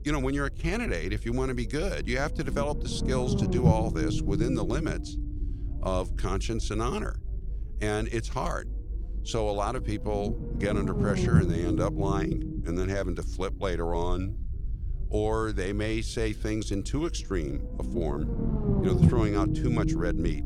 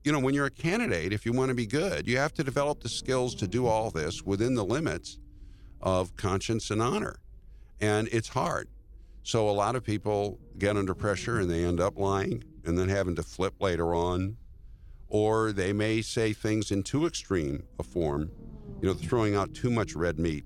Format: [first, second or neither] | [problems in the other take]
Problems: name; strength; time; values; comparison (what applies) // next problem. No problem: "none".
second | low rumble; loud; throughout; 4 dB below the speech; faint in the second